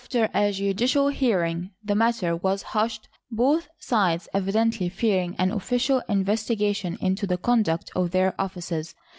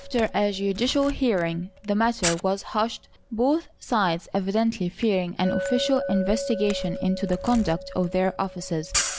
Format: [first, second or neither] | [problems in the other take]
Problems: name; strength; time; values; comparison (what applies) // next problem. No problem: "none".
first | background sound (Camera + Chink, clink); 8 dB below the speech